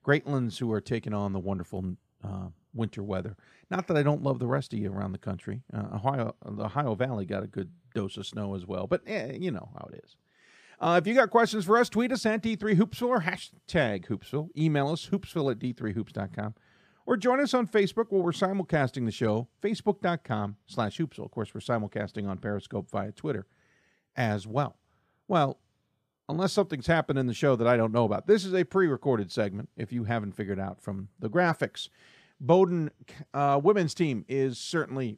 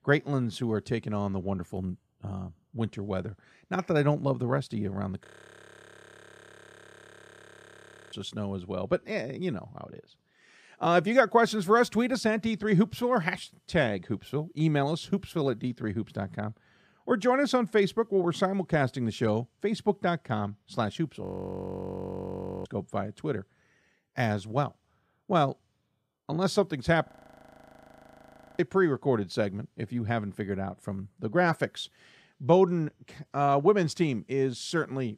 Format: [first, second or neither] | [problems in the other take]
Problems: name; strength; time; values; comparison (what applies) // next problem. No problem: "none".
first | audio freezing; at 5.5 s for 3 s, at 21 s for 1.5 s and at 27 s for 1.5 s